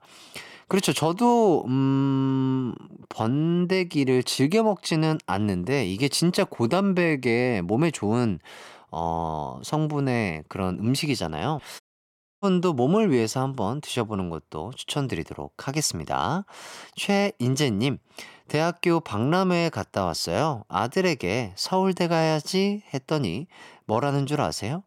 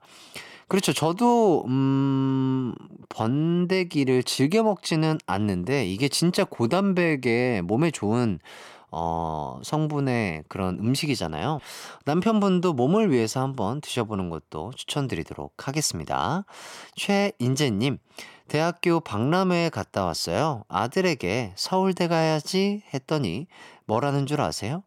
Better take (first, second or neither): second